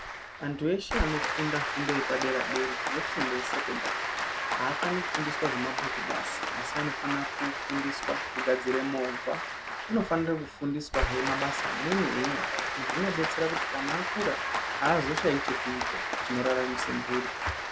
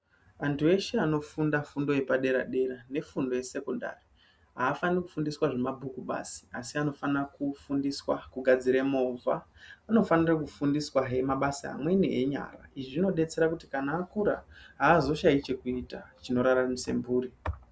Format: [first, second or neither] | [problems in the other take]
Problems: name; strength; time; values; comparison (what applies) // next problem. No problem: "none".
second | background sound (Applause); as loud as the speech